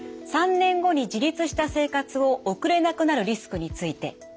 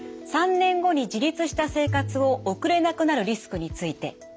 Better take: first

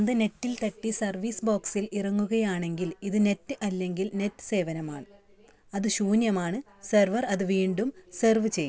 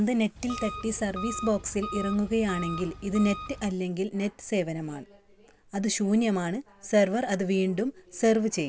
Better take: first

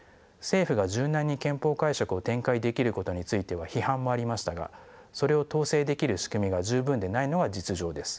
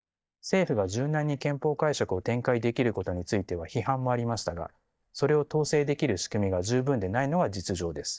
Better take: first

